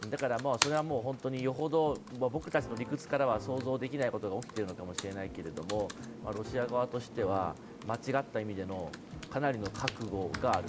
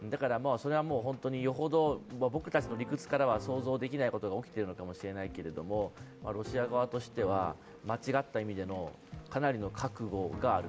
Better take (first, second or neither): second